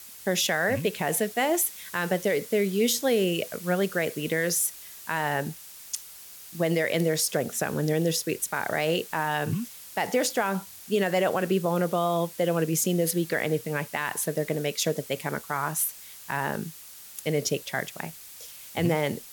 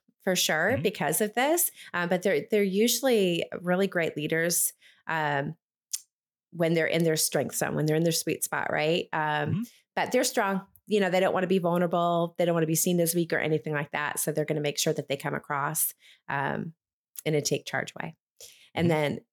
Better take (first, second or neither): second